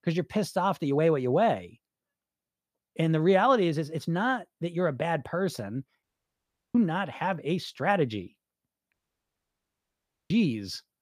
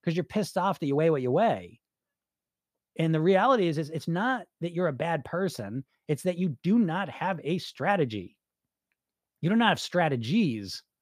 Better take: second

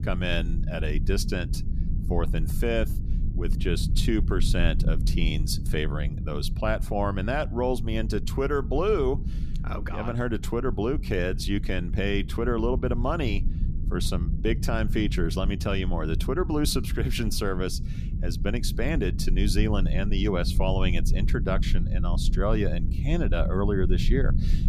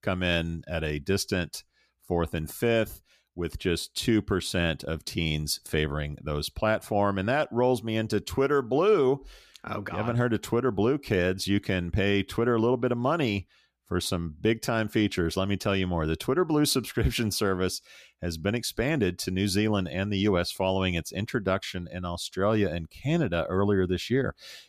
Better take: second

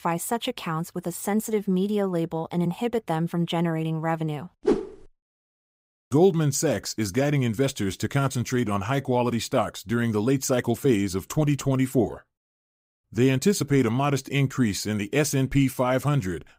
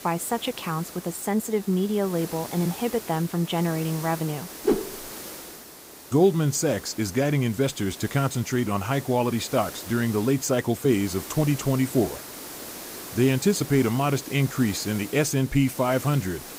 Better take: first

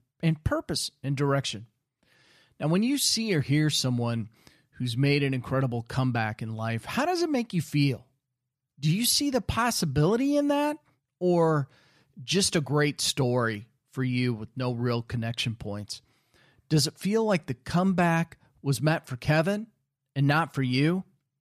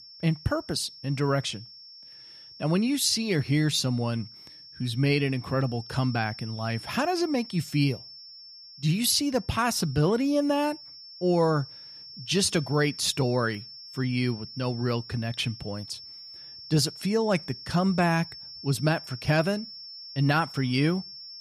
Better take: first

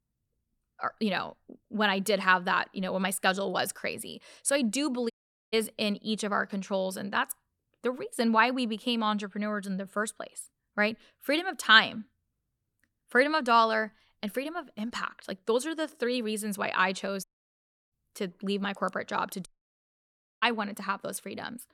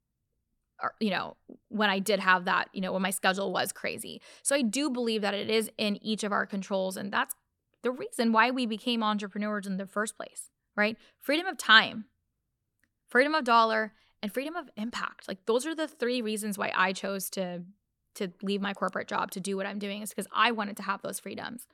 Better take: second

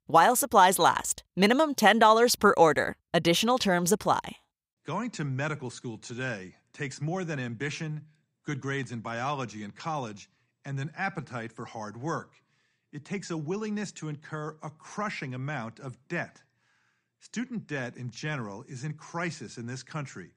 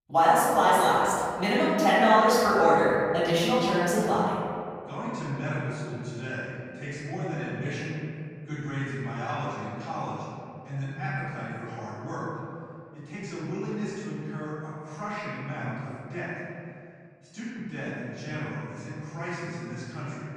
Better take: first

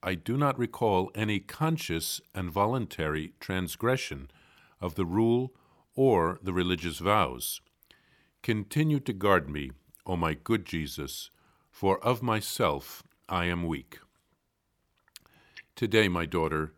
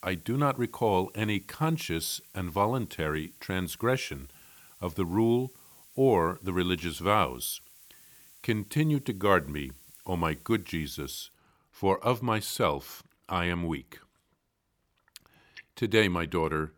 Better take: first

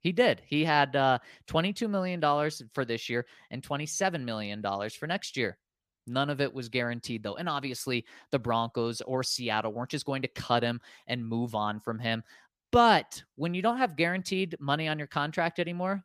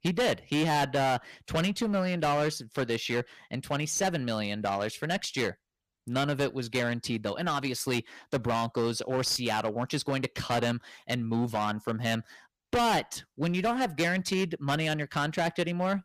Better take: first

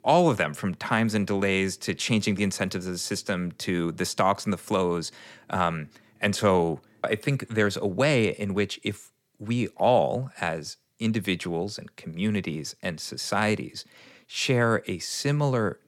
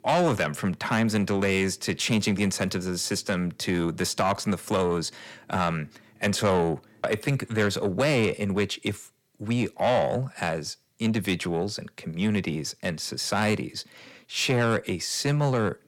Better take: first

